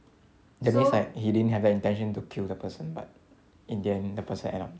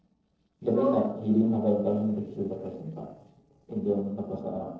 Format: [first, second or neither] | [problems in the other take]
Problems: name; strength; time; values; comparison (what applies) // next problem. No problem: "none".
first | noise reduction (neural separator model SepFormer DNS4)